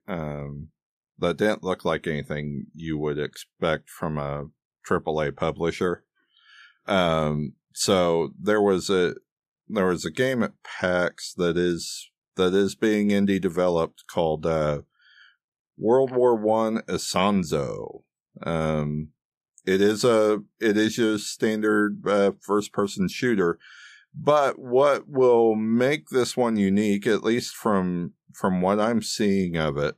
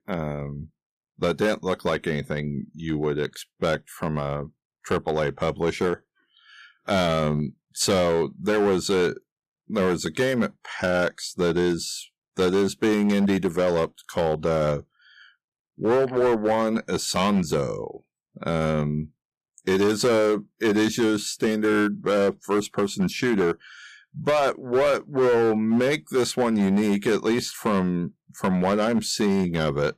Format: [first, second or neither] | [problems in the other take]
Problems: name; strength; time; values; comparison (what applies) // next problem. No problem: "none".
first | distortion; slight; 8% of the sound clipped